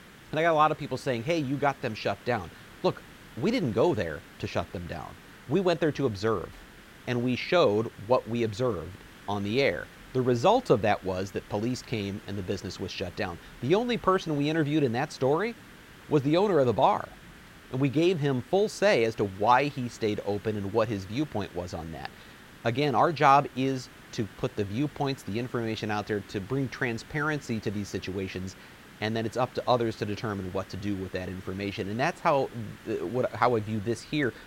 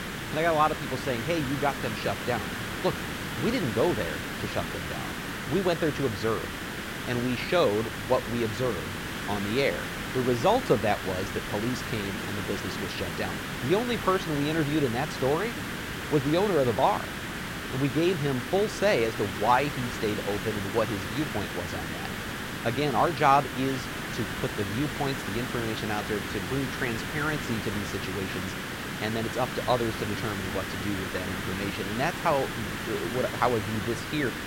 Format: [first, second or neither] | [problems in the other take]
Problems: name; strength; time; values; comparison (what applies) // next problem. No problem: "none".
first | hiss; loud; throughout; 4 dB below the speech; faint in the first